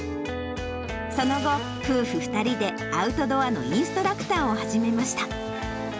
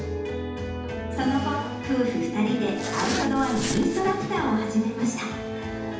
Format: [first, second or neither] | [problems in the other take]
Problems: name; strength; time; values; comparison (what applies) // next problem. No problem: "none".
first | background sound (Zipper (clothing)); 8 dB below the speech // room echo; dies away in 0.8 s